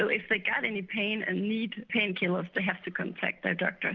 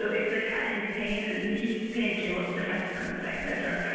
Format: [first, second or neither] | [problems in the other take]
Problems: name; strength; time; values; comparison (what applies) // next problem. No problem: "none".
first | background sound (Crumpling, crinkling); 18 dB below the speech // room echo; dies away in 1.9 s